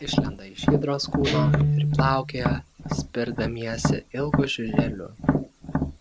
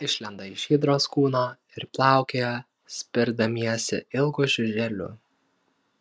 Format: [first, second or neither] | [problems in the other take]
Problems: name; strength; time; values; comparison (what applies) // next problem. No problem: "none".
second | background sound (Guitar + Tap); 4 dB above the speech